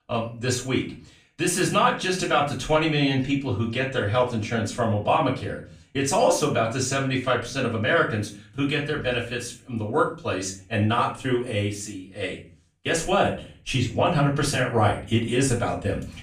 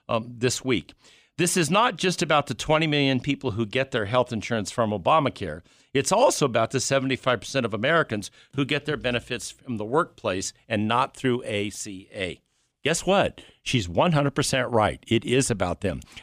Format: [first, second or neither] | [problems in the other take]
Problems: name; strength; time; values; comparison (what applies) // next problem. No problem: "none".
second | off-mic speech; far // room echo; slight; dies away in 0.4 s